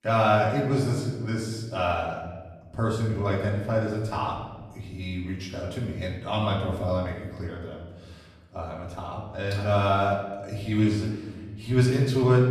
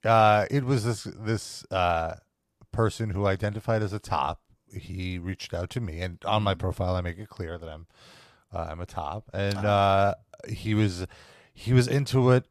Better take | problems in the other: second | off-mic speech; far // room echo; noticeable; dies away in 1.2 s

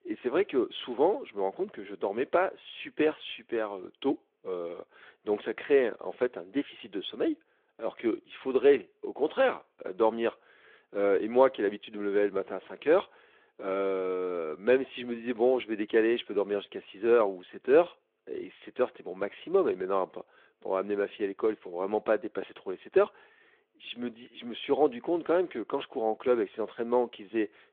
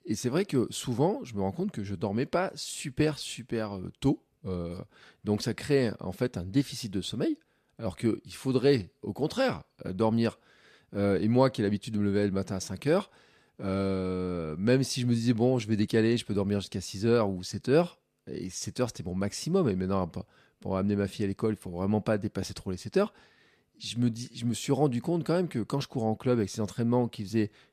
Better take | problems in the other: second | phone-call audio; nothing above 3.5 kHz

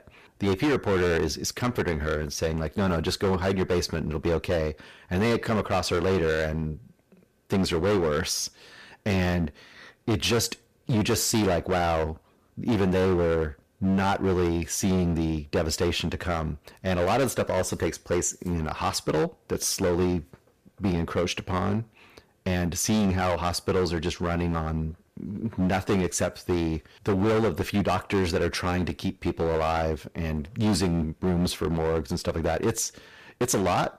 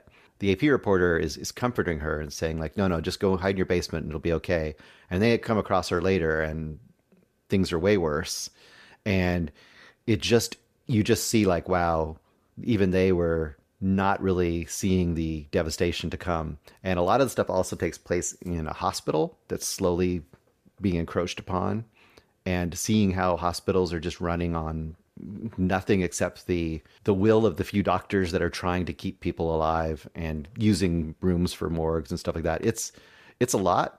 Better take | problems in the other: second | distortion; heavy; 14% of the sound clipped

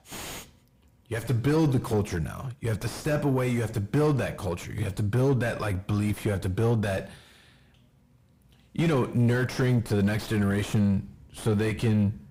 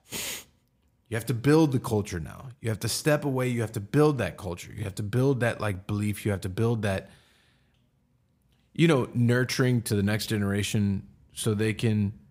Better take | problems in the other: second | distortion; heavy; 5 dB below the speech

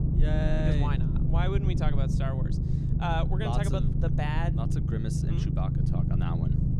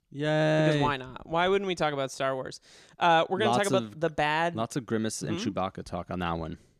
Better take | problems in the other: second | low rumble; loud; throughout; 3 dB below the speech

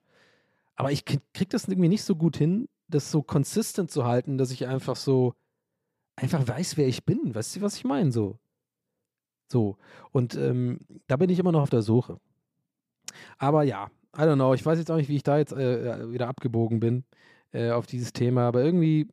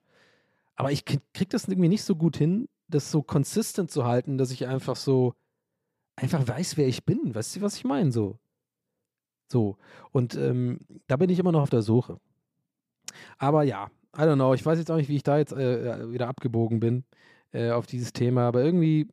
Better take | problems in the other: neither | none

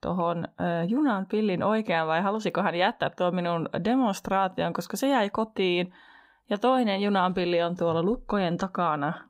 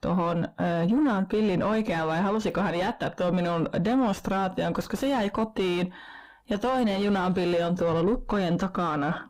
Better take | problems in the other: first | distortion; heavy; 6 dB below the speech

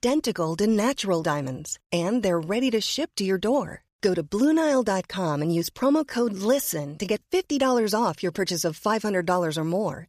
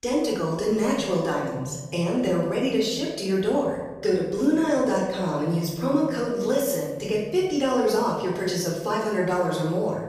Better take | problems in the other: first | room echo; noticeable; dies away in 1.6 s // off-mic speech; far

